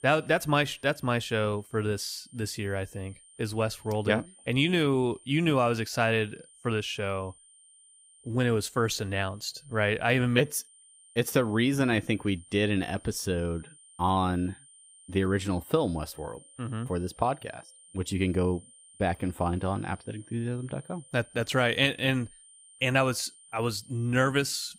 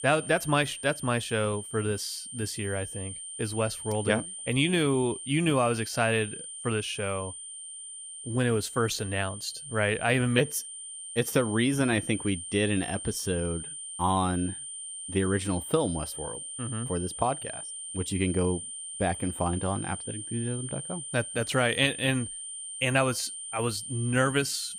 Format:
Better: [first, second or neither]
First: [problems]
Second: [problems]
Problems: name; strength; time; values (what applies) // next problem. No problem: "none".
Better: first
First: high-pitched whine; faint; throughout; 9 kHz, 25 dB below the speech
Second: high-pitched whine; loud; throughout; 9 kHz, 8 dB below the speech